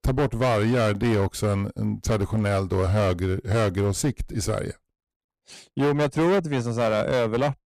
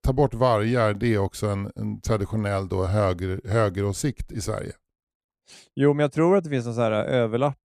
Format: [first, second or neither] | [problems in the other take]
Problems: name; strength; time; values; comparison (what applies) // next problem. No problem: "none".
second | distortion; heavy; 14% of the sound clipped